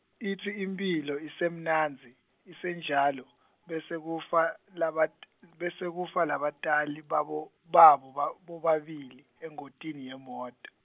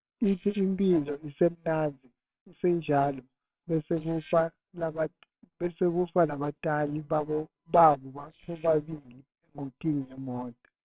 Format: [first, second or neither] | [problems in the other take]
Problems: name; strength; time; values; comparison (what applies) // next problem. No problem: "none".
first | noise reduction (neural separator model SepFormer WHAMR!)